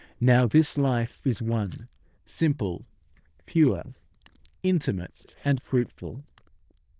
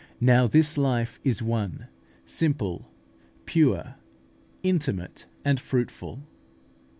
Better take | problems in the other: second | noise reduction (neural diffusion model UNIVERSE++)

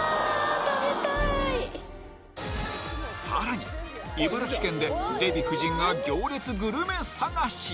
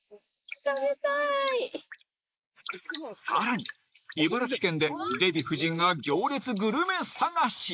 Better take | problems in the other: first | noise reduction (neural mask model Resemble Enhance denoiser)

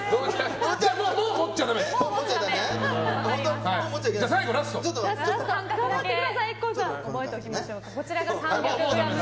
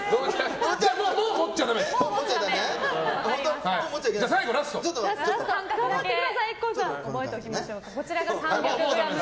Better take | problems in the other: second | background sound (Bass guitar); 12 dB below the speech

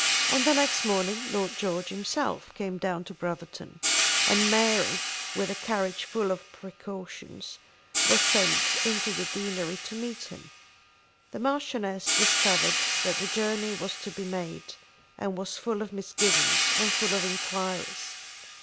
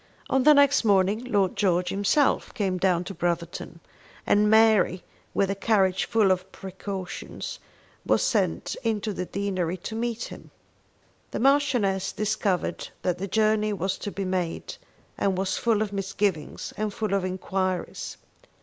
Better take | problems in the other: second | background sound (Hi-hat); 2 dB above the speech

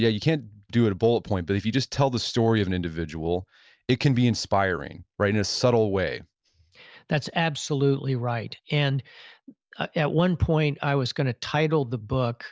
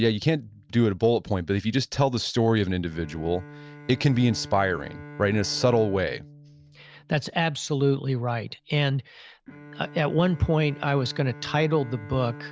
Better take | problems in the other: first | background sound (Bowed string instrument); 20 dB below the speech

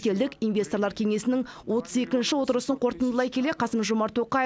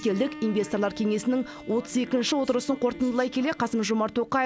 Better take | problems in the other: first | background sound (Bowed string instrument); 18 dB below the speech

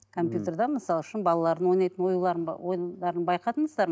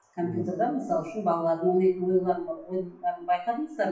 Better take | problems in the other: first | noise reduction (classical method WPE with log-MMSE)

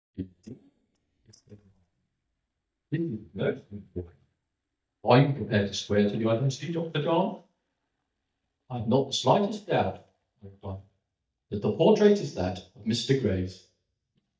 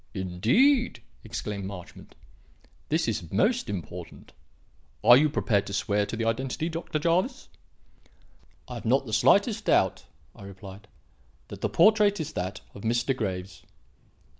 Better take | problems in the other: second | noise reduction (neural mask model DeepFilterNet 3)

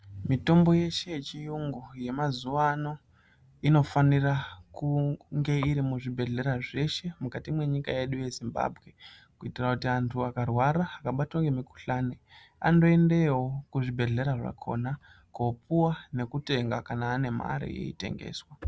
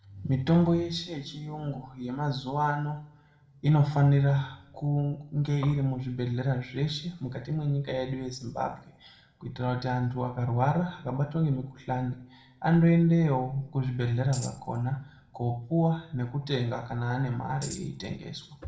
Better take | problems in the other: first | background sound (Tambourine); 16 dB below the speech // room echo; dies away in 0.5 s

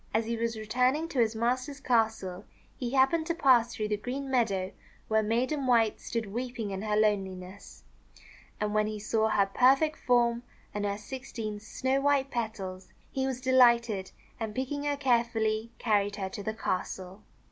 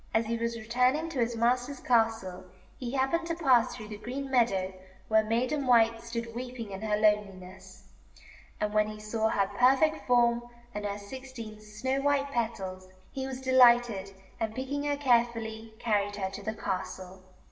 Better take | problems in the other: first | room echo; dies away in 0.8 s

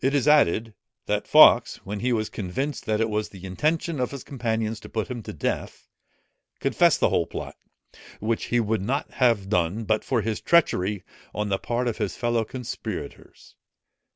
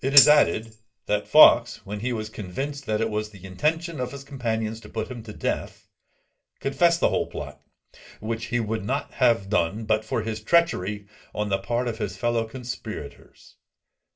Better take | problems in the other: first | background sound (Tambourine); 1 dB below the speech // room echo; dies away in 0.2 s

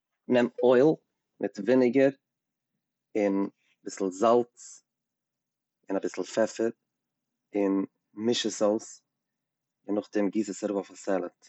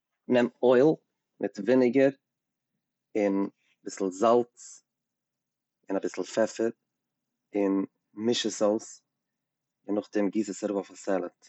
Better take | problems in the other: second | background sound (Cowbell); 18 dB below the speech

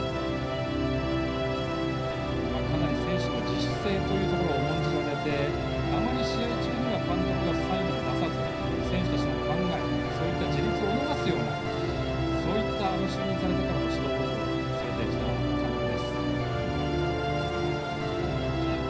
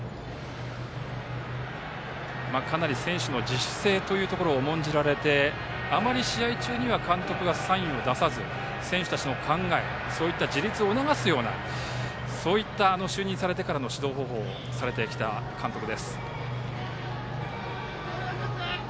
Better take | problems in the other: second | background sound (Musical instrument); 5 dB above the speech // room echo; dies away in 0.5 s

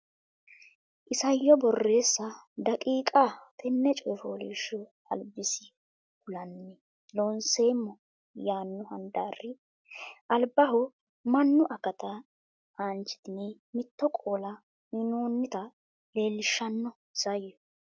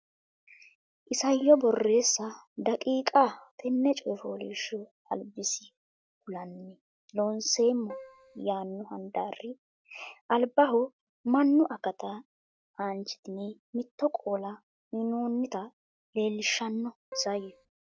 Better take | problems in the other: first | background sound (Keyboard (musical)); 15 dB below the speech

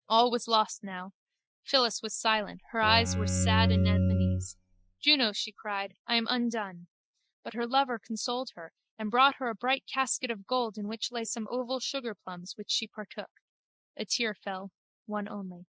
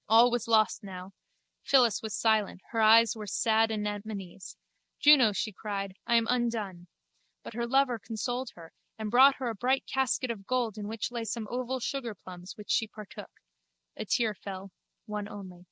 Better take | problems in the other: second | noise reduction (classical method Wiener filter)

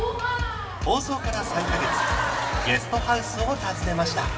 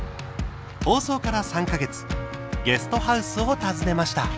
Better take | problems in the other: second | background sound (Applause / Crowd); 3 dB below the speech // room echo; dies away in 1.1 s

